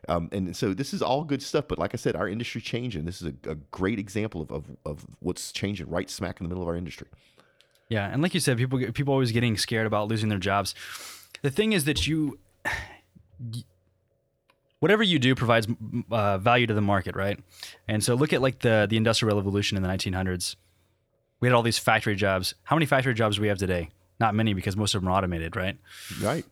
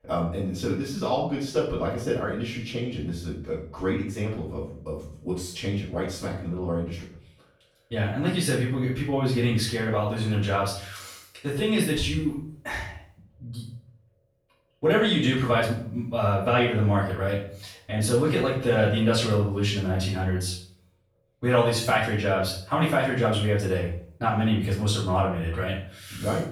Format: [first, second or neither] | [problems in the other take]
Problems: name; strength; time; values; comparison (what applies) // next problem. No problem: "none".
first | room echo; noticeable; dies away in 0.5 s // off-mic speech; far